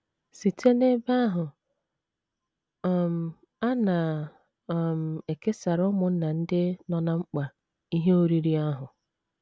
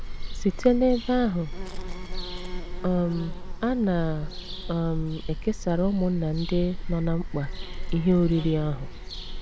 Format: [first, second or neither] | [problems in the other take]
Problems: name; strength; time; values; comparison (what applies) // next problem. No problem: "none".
first | background sound (Bird vocalization, bird call, bird song); 4 dB below the speech